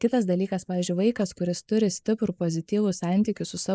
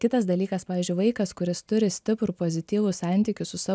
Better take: second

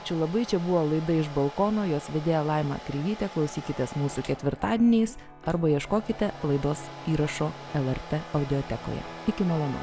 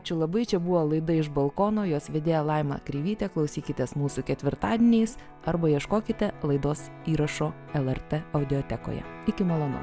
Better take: second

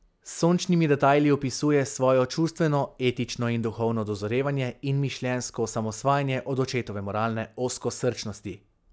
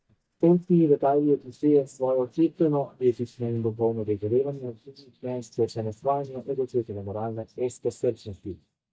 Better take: first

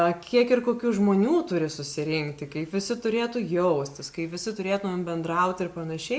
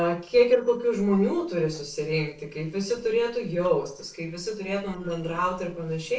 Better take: first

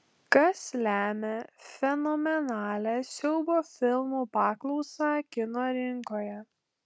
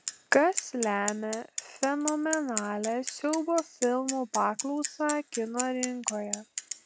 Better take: first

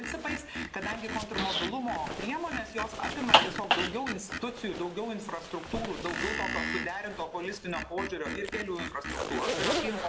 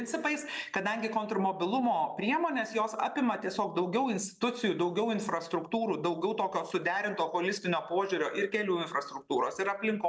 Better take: second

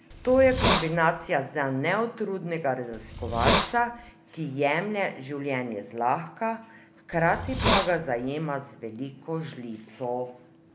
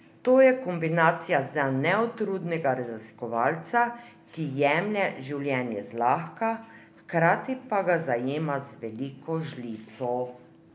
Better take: second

